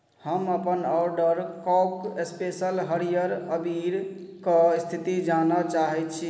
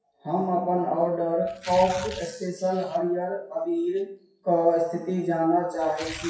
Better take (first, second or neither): first